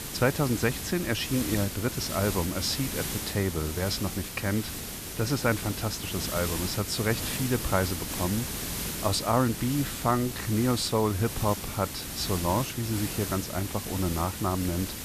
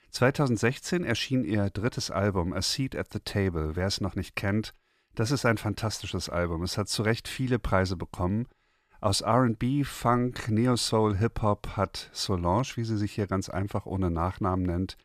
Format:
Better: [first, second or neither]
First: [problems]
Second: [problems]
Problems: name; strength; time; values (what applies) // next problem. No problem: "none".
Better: second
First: hiss; loud; throughout; 5 dB below the speech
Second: none